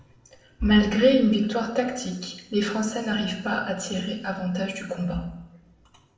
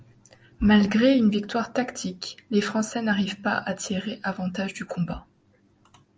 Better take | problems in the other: second | room echo; dies away in 0.8 s

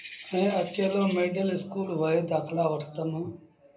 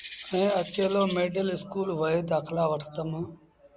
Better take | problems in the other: second | room echo; dies away in 0.3 s

